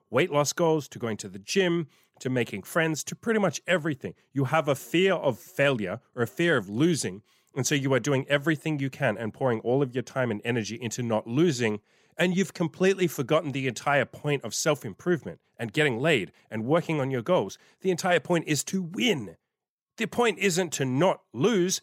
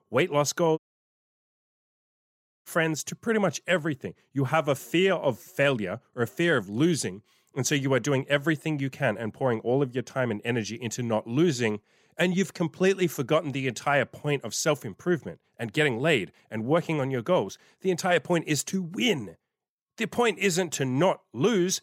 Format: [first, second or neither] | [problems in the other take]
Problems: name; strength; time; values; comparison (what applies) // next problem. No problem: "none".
first | audio cutting out; at 1 s for 2 s